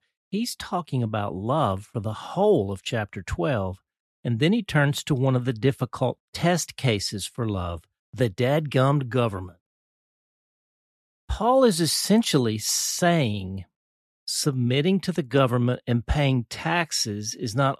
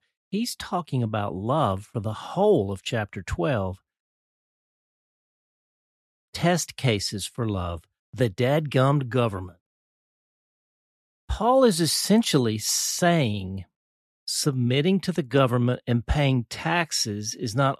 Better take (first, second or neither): first